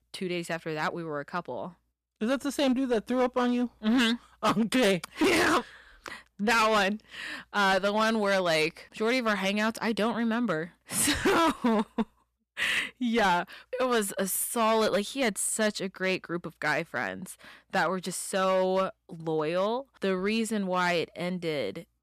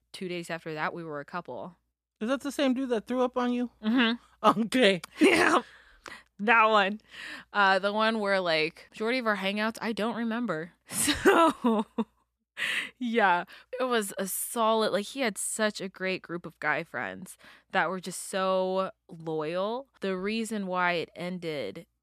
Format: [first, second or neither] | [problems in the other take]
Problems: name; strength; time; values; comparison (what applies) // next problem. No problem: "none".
second | distortion; heavy; 8% of the sound clipped